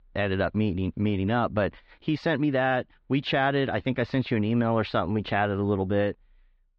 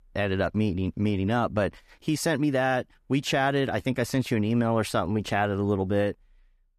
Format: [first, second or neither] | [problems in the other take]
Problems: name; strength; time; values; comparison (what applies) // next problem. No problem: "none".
second | muffled; slightly; fading above 4 kHz